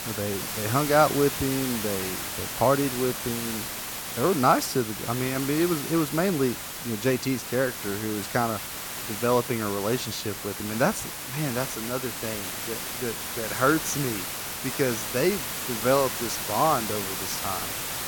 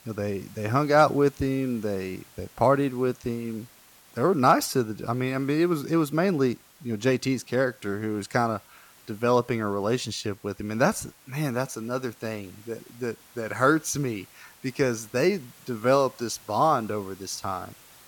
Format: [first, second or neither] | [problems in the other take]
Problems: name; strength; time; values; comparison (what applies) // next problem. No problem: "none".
second | hiss; loud; throughout; 4 dB below the speech; faint in the second